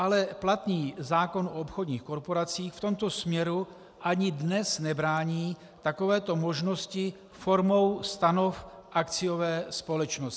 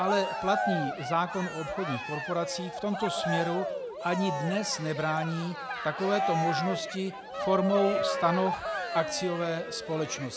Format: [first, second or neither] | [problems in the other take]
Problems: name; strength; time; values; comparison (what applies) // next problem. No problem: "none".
first | background sound (Cheering); 3 dB below the speech